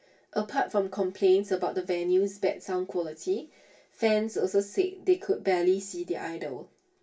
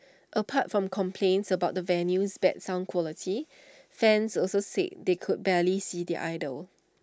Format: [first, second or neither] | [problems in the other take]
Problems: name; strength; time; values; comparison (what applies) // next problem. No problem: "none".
second | room echo; dies away in 0.2 s